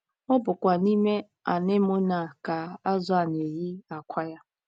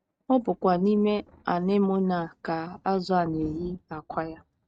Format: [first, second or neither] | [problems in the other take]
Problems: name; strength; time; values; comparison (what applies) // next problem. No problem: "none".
first | noise reduction (neural mask model RNNoise)